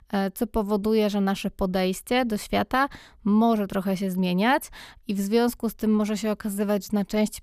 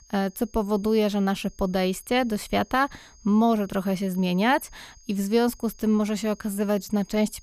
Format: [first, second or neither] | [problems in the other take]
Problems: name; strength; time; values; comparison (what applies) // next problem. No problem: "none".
first | high-pitched whine; faint; throughout; 6.5 kHz, 30 dB below the speech